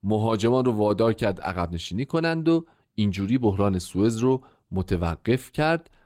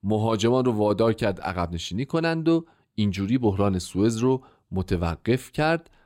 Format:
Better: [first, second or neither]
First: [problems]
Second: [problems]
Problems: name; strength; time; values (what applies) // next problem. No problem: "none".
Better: second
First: garbled, watery; slightly; nothing above 16 kHz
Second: none